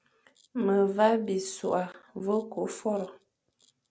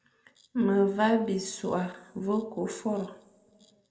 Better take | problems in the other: first | room echo; dies away in 1 s

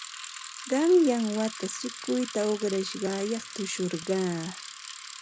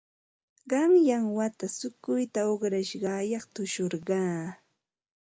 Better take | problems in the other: second | background sound (Bicycle); 12 dB below the speech

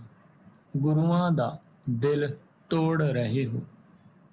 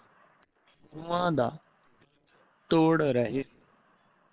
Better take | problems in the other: first | noise reduction (neural separator model SepFormer WHAM!)

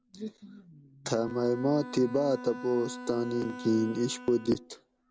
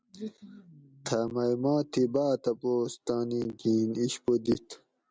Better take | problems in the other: second | background sound (Bowed string instrument); 14 dB below the speech

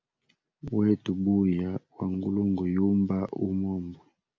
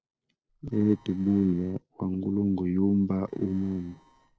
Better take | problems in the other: first | noise reduction (neural separator model SepFormer DNS4)

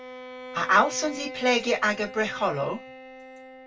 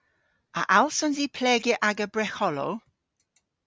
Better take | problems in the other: second | background sound (Bowed string instrument); 13 dB below the speech // room echo; dies away in 0.1 s

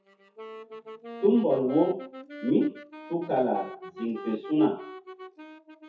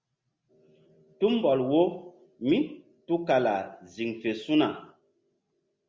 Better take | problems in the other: second | noise reduction (classical method WPE with log-MMSE)

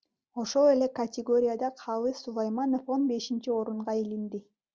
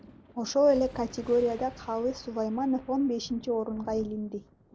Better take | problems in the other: first | background sound (Thunder); 20 dB below the speech

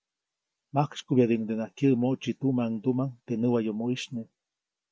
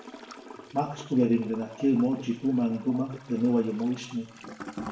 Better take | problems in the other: first | background sound (Toilet flush / Gurgling); 16 dB below the speech // room echo; dies away in 0.7 s

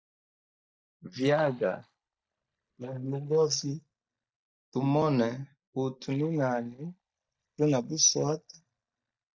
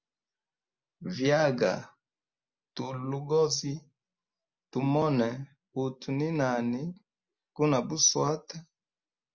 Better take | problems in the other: second | noise reduction (neural mask model DeepFilterNet 3)

